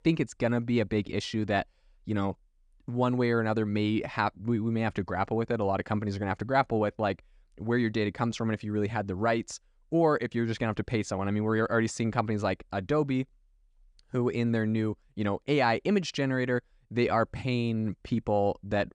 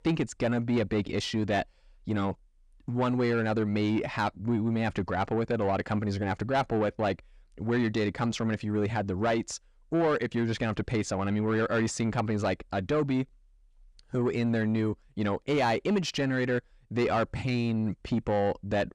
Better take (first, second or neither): first